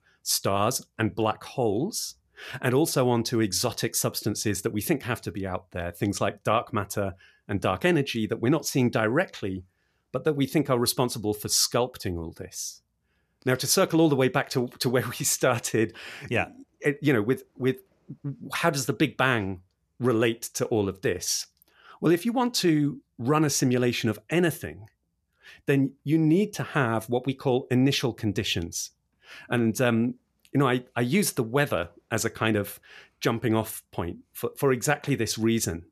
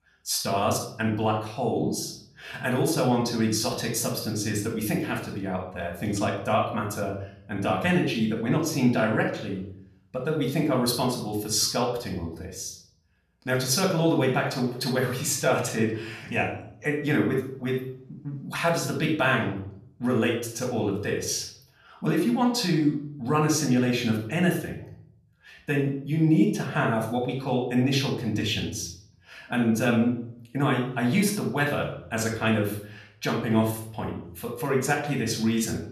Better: first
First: none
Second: off-mic speech; somewhat distant // room echo; noticeable; dies away in 0.5 s

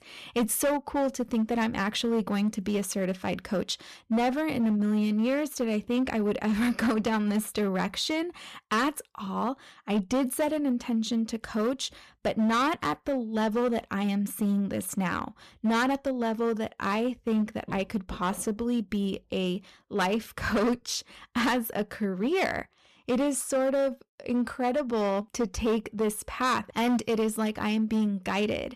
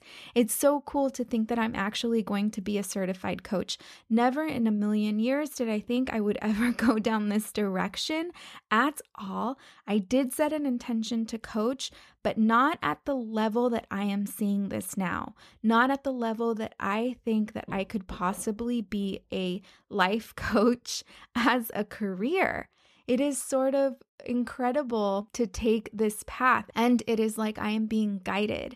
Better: second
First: distortion; slight; 9% of the sound clipped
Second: none

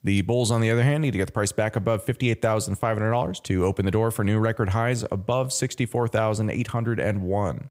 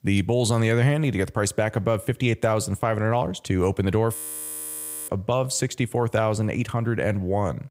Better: first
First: none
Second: audio freezing; at 4 s for 1 s

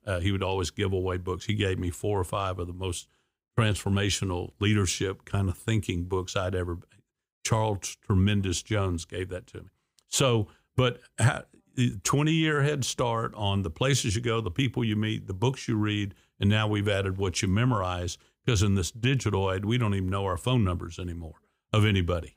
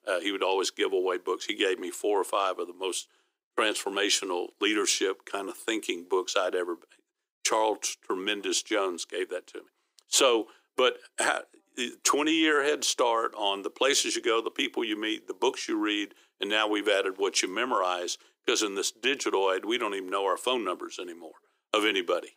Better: first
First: none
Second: thin; very; fading below 300 Hz

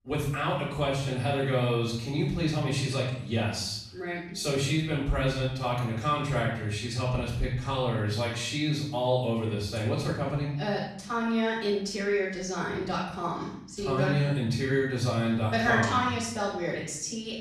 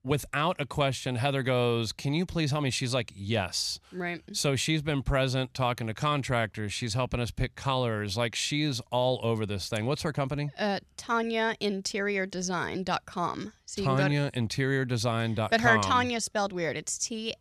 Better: second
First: off-mic speech; far // room echo; noticeable; dies away in 0.7 s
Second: none

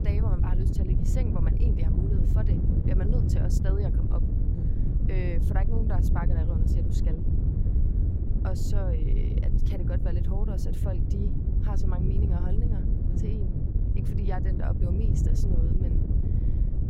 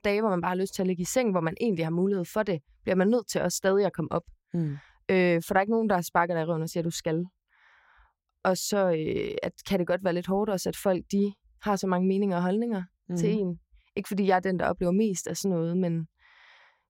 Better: second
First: wind noise on the microphone; heavy; 1 dB above the speech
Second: none

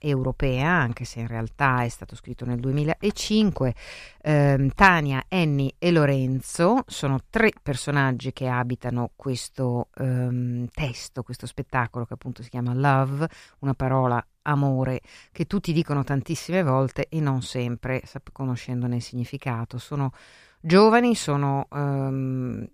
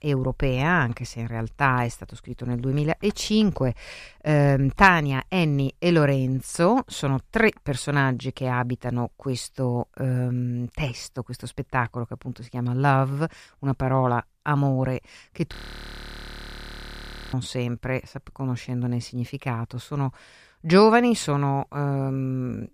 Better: first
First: none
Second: audio freezing; at 16 s for 2 s

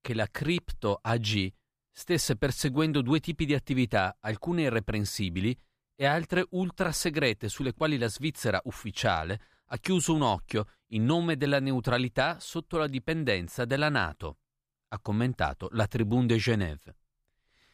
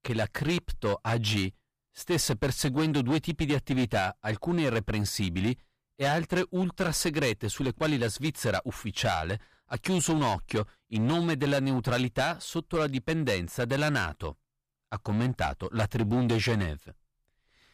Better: first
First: none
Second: distortion; slight; 10% of the sound clipped

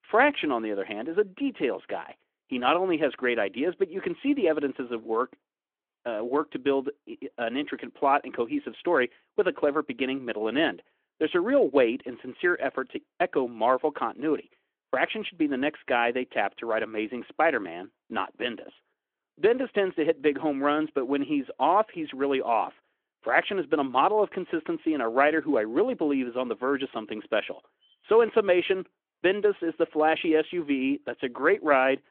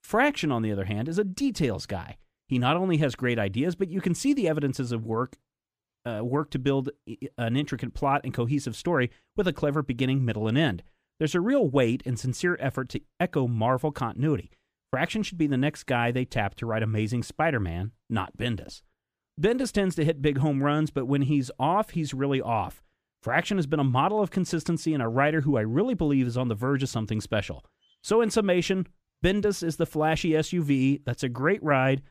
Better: second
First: phone-call audio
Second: none

